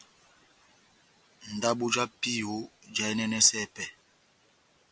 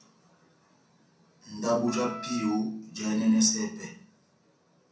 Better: first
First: none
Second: background sound (Wind instrument, woodwind instrument); 12 dB below the speech // room echo; dies away in 0.6 s

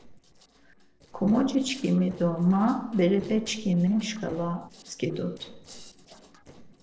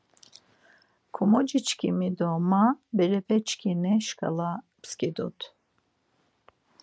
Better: second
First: noise reduction (neural separator model SepFormer DNS4)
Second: none

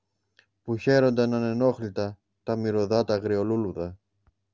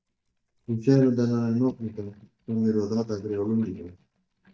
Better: first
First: none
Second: noise reduction (neural mask model DeepFilterNet 3)

